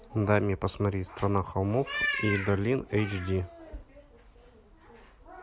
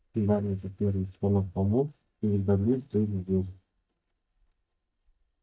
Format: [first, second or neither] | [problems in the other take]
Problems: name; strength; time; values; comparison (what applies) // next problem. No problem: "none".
first | noise reduction (neural mask model DeepFilterNet 3)